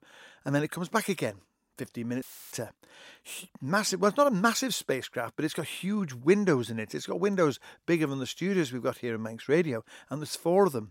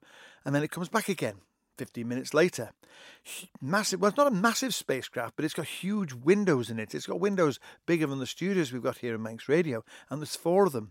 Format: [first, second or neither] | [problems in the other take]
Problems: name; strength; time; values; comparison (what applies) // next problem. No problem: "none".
second | audio cutting out; filled with static; at 2 s